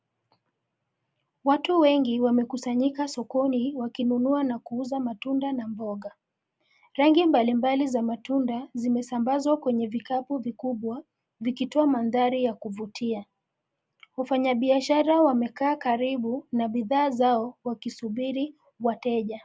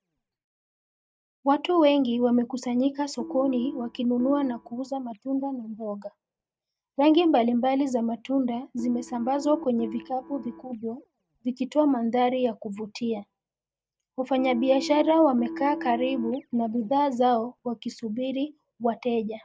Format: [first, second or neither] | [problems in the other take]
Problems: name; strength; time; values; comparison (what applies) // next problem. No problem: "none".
first | noise reduction (neural mask model DeepFilterNet 3)